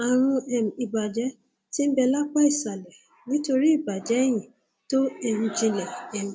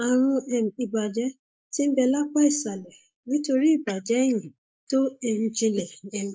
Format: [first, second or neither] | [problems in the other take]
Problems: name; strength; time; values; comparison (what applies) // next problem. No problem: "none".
first | noise reduction (neural mask model Resemble Enhance denoiser)